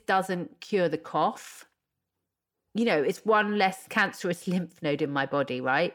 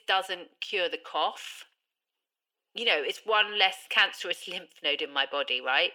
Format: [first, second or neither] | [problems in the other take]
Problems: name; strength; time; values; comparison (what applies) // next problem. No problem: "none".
first | thin; very; fading below 450 Hz